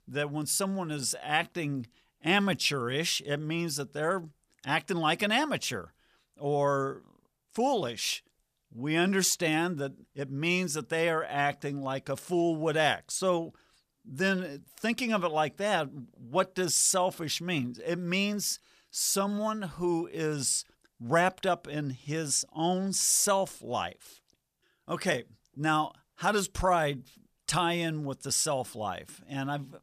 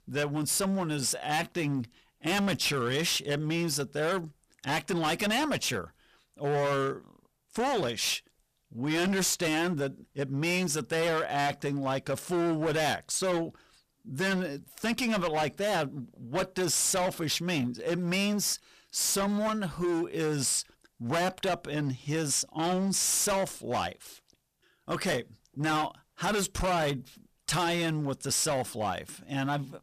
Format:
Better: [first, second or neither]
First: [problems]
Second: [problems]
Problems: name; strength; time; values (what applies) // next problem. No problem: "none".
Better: first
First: none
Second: distortion; heavy; 18% of the sound clipped